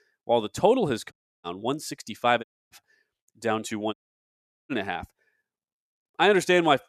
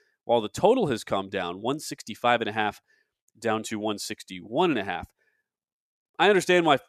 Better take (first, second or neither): second